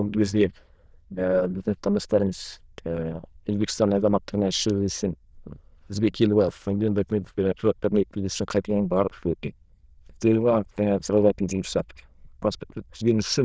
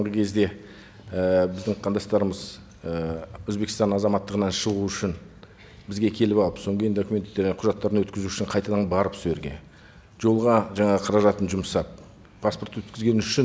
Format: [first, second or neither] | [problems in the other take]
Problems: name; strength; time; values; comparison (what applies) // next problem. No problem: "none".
second | noise reduction (neural diffusion model UNIVERSE++)